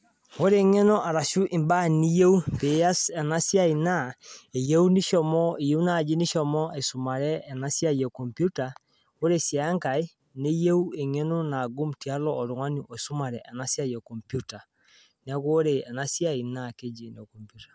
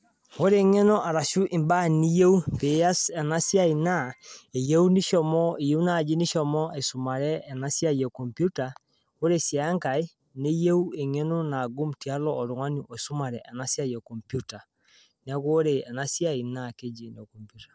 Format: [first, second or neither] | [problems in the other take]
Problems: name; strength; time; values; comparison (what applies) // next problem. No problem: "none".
first | noise reduction (neural separator model SepFormer DNS4)